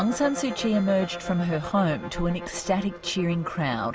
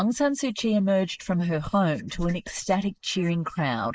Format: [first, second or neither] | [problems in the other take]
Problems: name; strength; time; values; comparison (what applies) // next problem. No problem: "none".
first | noise reduction (neural mask model Resemble Enhance denoiser)